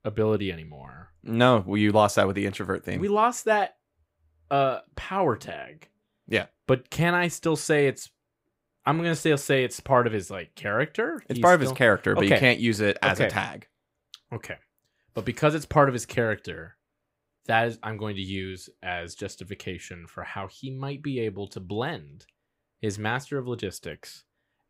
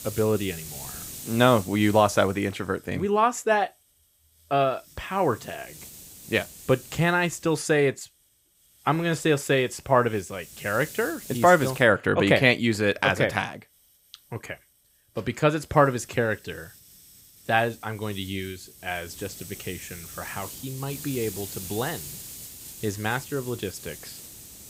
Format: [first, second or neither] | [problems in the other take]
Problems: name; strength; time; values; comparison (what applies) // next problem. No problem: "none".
first | hiss; noticeable; throughout; 15 dB below the speech